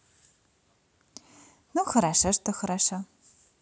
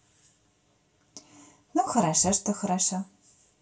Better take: first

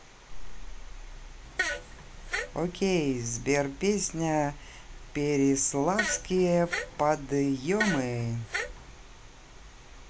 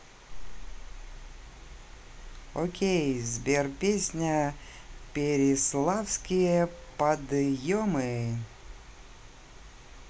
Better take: second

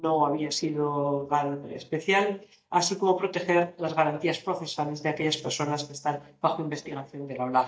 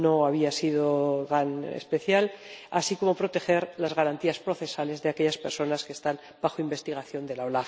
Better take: second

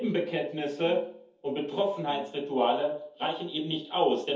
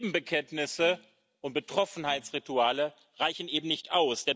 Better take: second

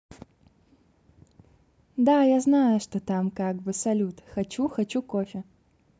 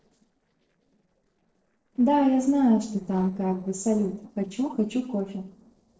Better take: first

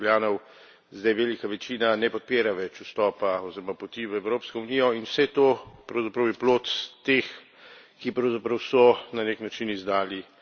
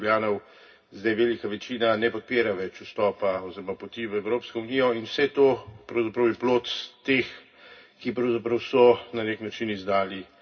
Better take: first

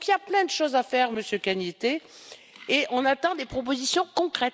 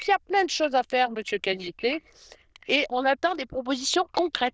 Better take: first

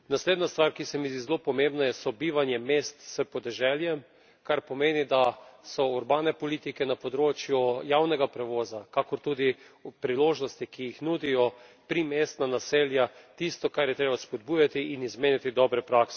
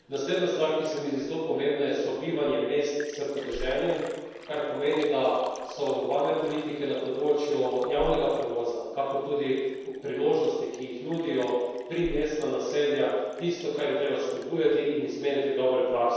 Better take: first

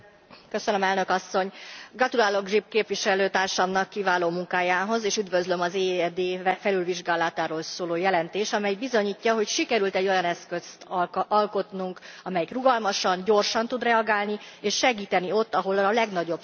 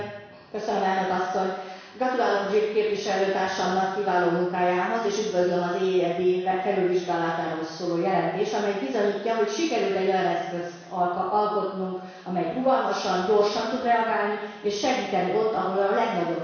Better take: first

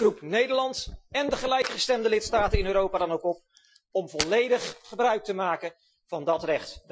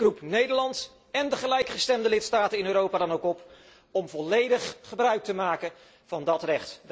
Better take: second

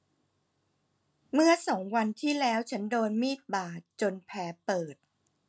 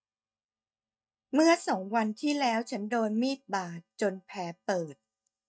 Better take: first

